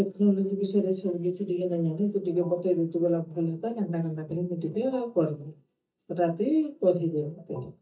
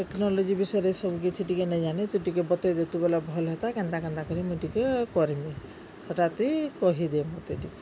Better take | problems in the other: second | noise reduction (neural mask model DeepFilterNet 3)

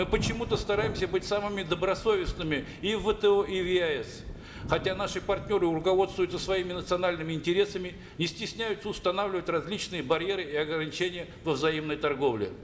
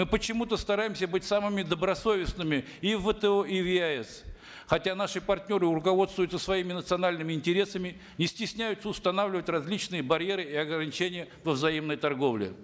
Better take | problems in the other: second | background sound (Thunder / Rain); 14 dB below the speech // room echo; dies away in 1 s

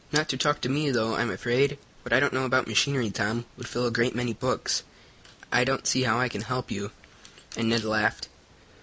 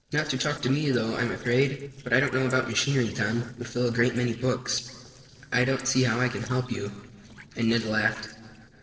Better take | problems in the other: first | noise reduction (neural separator model SepFormer DNS4)

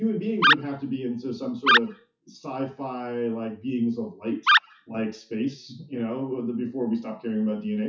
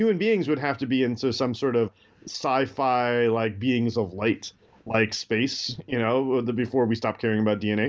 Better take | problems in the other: second | noise reduction (classical method WPE with log-MMSE)

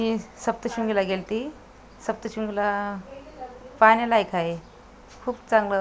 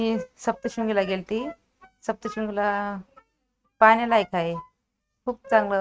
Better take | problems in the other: first | noise reduction (neural mask model RNNoise)

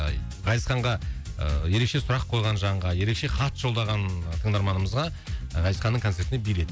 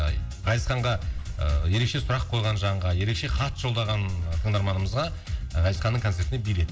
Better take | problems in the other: first | background sound (Bathtub (filling or washing) / Water / Splash, splatter); 19 dB below the speech // room echo; dies away in 0.3 s

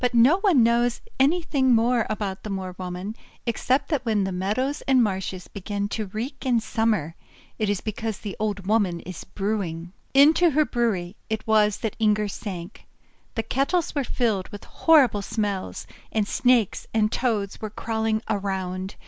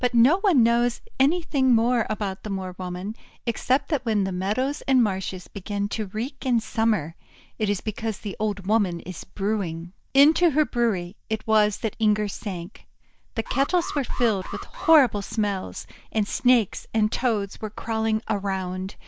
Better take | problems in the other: first | noise reduction (neural mask model DeepFilterNet 3)

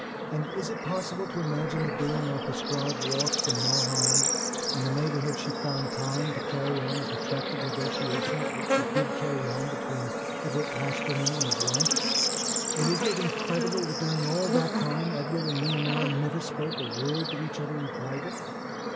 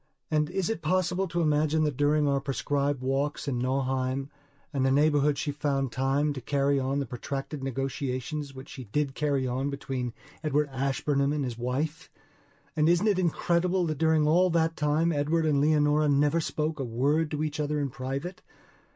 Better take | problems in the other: second | background sound (Bird / Insect); 2 dB above the speech

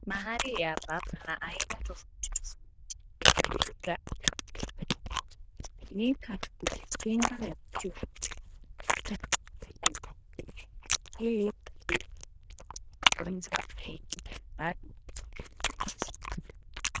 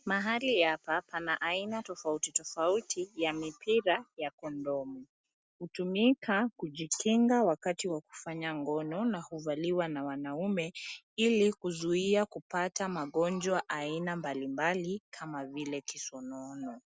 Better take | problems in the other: second | noise reduction (neural diffusion model UNIVERSE++)

